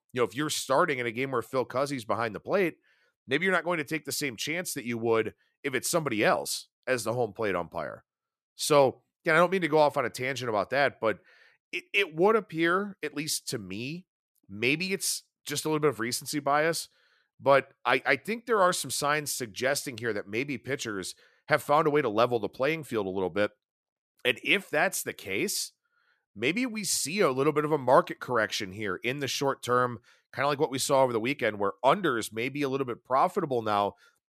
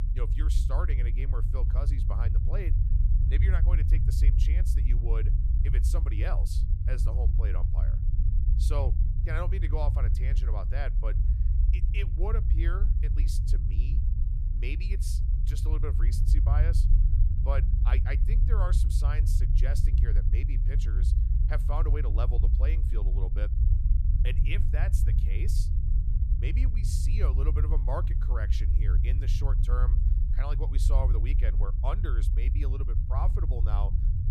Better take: first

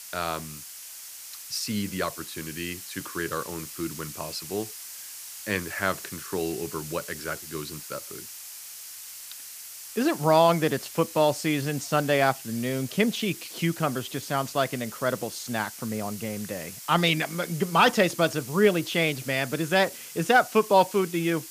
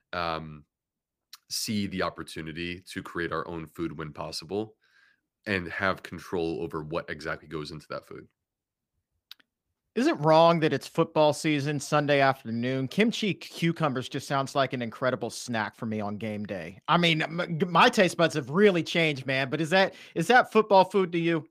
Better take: second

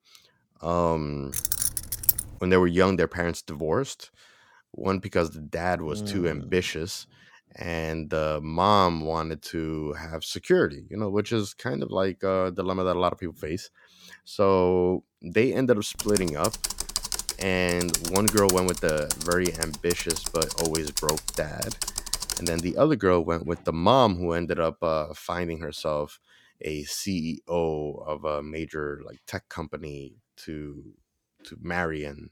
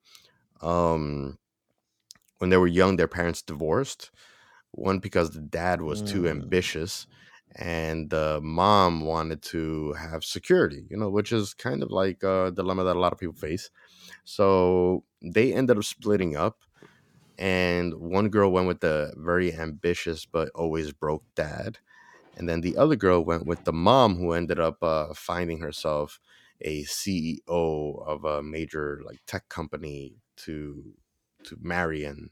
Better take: second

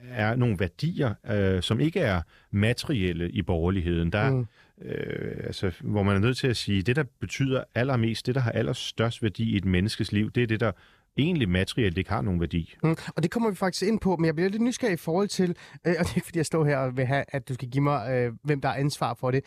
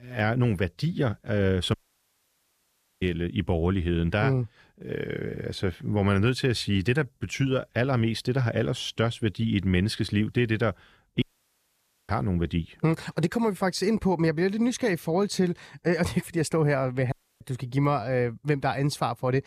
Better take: first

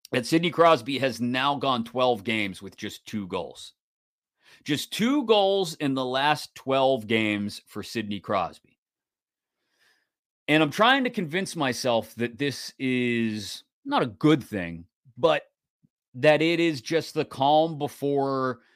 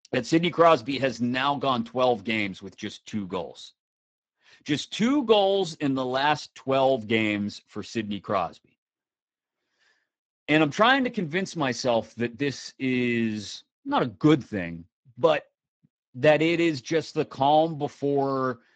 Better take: first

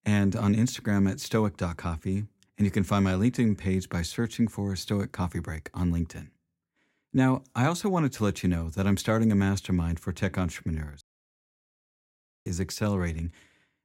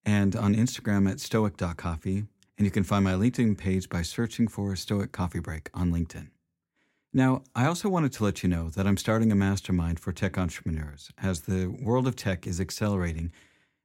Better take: second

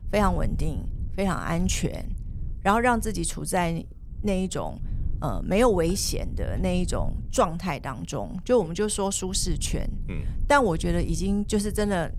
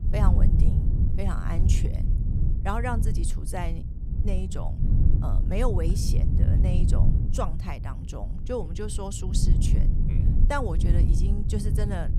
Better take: first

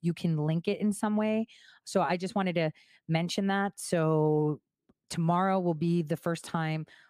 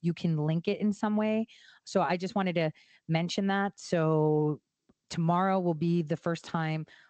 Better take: first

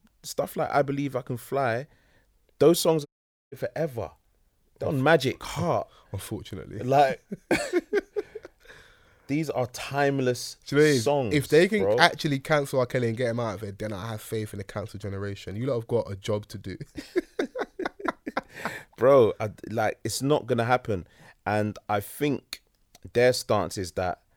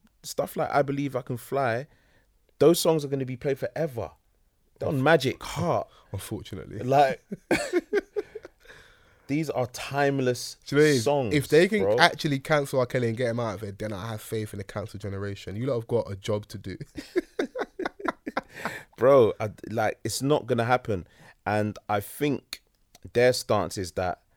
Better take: second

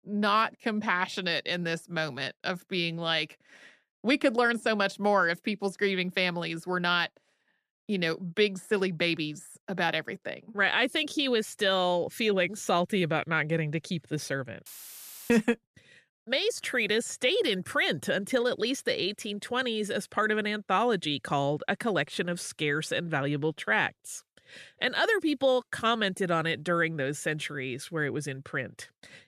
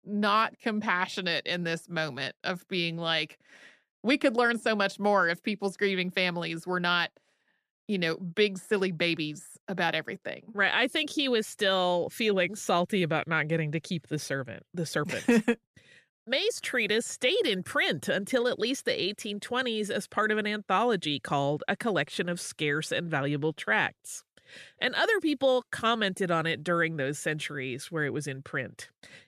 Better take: second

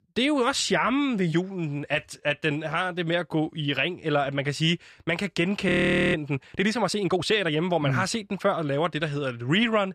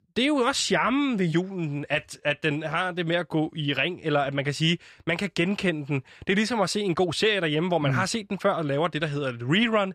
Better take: second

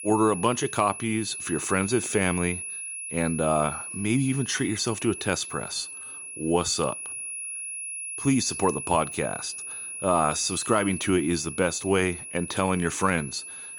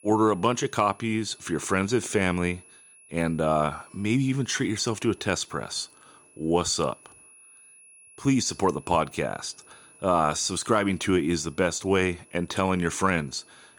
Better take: second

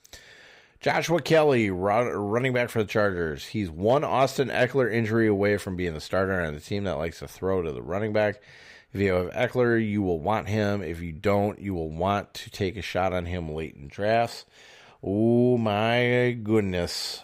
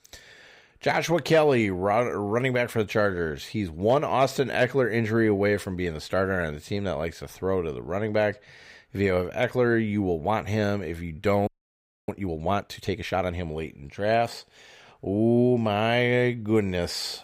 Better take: first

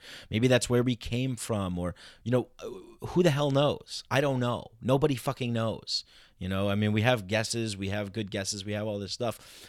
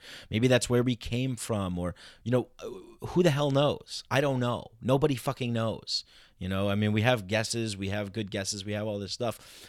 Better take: neither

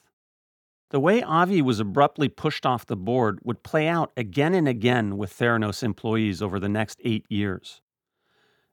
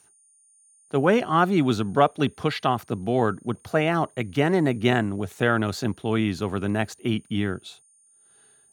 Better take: first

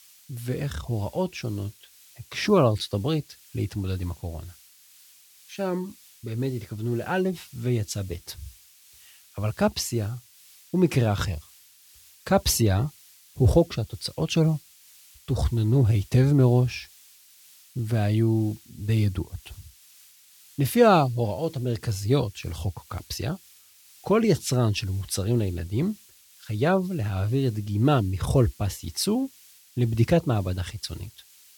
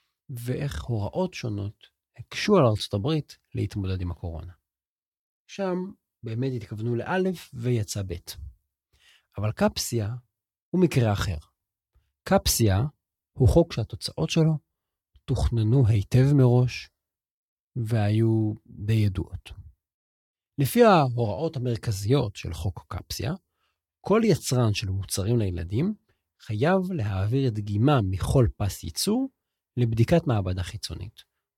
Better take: second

